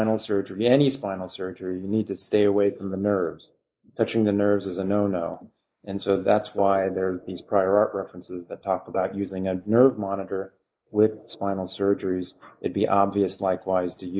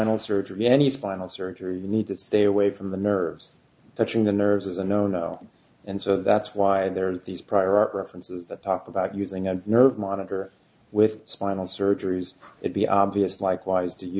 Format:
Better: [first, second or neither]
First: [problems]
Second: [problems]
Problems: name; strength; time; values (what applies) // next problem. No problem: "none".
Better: second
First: noise reduction (neural mask model Resemble Enhance denoiser)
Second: none